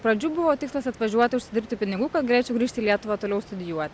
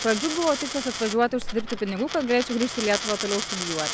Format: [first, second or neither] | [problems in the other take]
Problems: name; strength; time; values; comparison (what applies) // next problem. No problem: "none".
first | background sound (Coin (dropping)); 6 dB below the speech